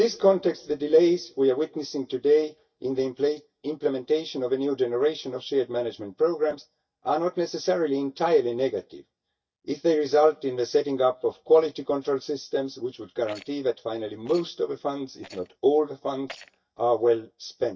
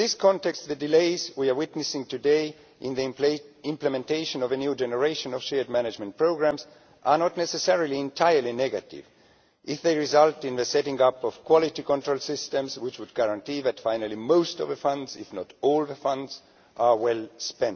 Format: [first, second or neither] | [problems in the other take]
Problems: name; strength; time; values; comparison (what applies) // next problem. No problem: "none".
second | noise reduction (neural mask model DeepFilterNet 3)